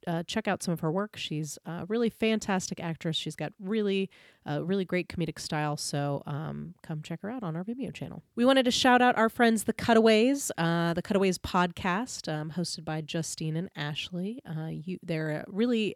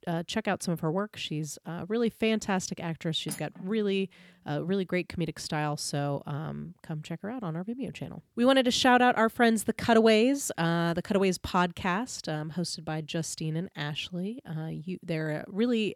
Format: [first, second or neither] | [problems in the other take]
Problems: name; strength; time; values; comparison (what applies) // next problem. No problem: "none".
first | clattering dishes; faint; at 3.5 s; peak 10 dB below the speech